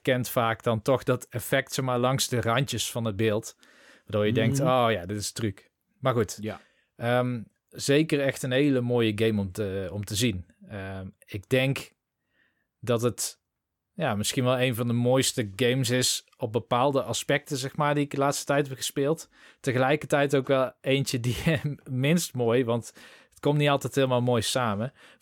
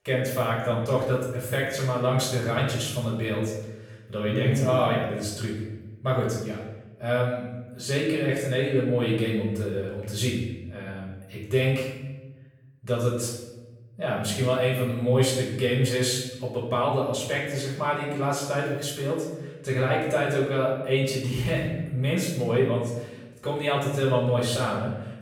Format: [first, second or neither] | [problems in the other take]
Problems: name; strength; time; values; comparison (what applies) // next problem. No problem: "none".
first | off-mic speech; far // room echo; noticeable; dies away in 0.9 s